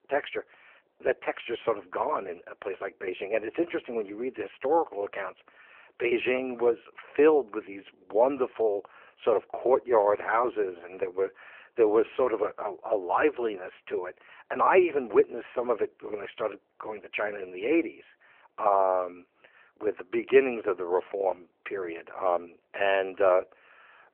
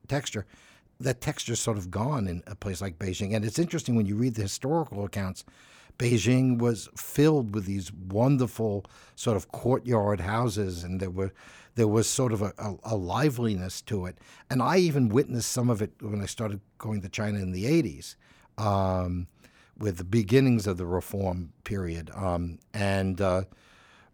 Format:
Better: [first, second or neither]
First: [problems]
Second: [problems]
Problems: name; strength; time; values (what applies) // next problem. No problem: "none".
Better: second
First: phone-call audio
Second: none